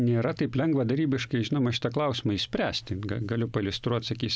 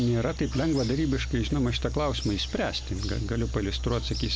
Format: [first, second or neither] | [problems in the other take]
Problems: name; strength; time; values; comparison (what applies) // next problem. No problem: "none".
first | background sound (Bird vocalization, bird call, bird song); 6 dB below the speech